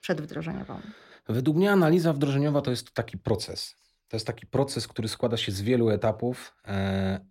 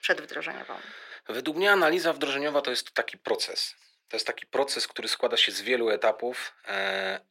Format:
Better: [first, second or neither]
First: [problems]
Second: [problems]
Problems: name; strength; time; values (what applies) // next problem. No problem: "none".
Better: first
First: none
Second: thin; very; fading below 400 Hz